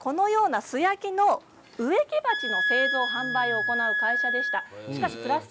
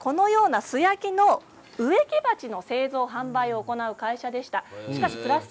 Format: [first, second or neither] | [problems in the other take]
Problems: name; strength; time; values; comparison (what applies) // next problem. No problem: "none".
second | background sound (Wind instrument, woodwind instrument); 1 dB below the speech